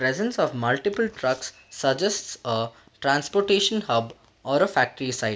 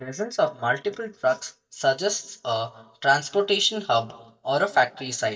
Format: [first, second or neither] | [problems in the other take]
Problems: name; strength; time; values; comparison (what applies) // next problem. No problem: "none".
first | noise reduction (neural mask model DeepFilterNet 3)